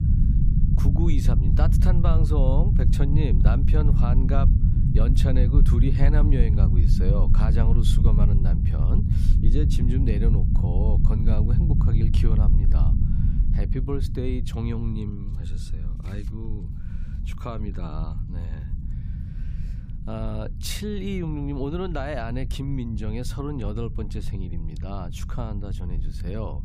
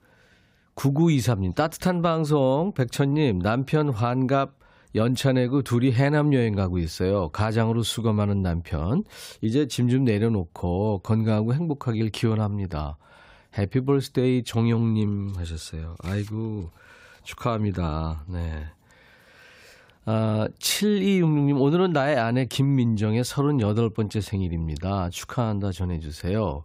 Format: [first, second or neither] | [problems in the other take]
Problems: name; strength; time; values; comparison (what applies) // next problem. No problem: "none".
second | low rumble; loud; throughout; 3 dB below the speech